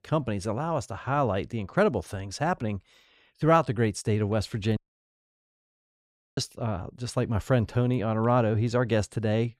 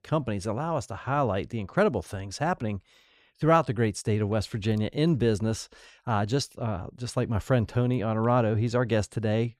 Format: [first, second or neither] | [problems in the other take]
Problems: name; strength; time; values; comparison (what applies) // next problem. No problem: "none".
second | audio cutting out; at 5 s for 1.5 s